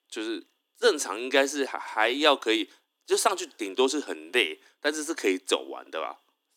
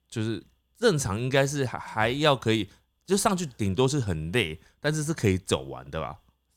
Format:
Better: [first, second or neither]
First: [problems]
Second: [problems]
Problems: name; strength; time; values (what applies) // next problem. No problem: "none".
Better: second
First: thin; somewhat; fading below 250 Hz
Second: none